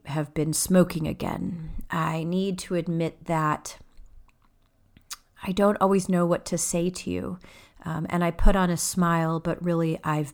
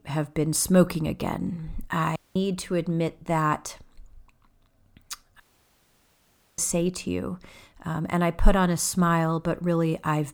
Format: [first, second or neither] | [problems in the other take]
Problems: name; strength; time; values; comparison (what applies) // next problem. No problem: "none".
first | audio cutting out; at 2 s and at 5.5 s for 1 s